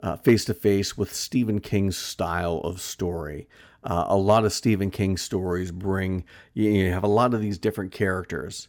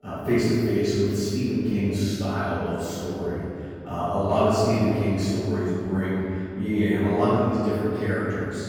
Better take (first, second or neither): first